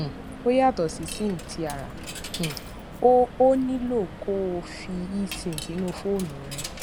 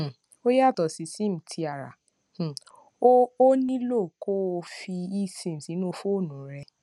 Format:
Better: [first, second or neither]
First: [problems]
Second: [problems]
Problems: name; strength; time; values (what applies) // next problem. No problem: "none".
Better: second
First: background sound (Coin (dropping)); 11 dB below the speech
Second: none